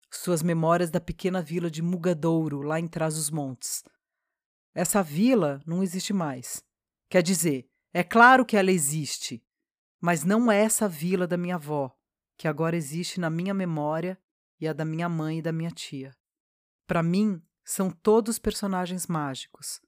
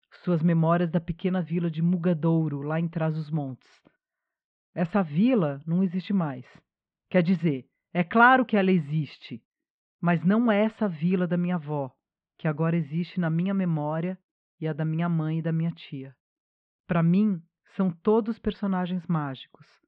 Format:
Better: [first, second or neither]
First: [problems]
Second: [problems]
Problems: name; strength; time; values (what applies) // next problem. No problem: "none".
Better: first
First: none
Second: muffled; very; fading above 3.5 kHz